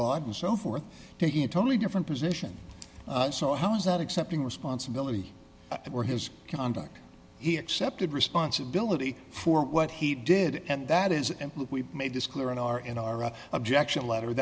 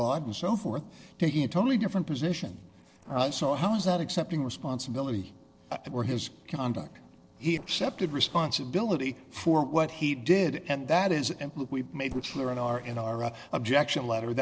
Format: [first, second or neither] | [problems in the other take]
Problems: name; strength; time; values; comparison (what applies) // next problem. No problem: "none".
first | noise reduction (neural separator model SepFormer DNS4)